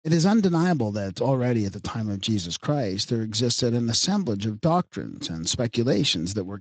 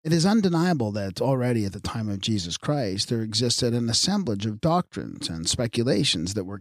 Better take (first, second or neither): second